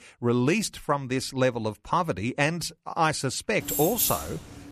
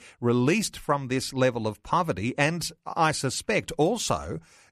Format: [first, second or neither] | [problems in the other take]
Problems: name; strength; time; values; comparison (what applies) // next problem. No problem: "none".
second | jangling keys; loud; at 3.5 s; peak 2 dB above the speech